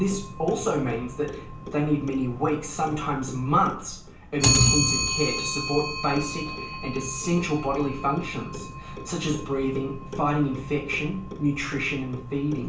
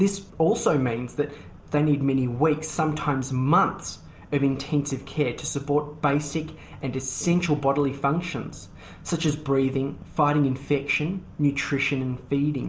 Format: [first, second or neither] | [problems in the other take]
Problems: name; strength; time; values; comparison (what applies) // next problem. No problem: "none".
second | background sound (Clock); 4 dB below the speech // room echo; dies away in 0.4 s